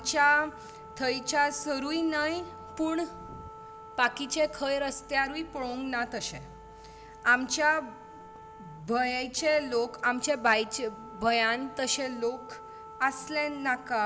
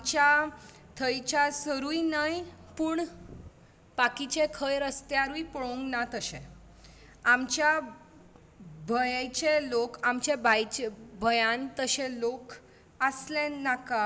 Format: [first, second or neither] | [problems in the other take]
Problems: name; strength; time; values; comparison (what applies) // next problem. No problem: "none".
second | background sound (Wind instrument, woodwind instrument); 17 dB below the speech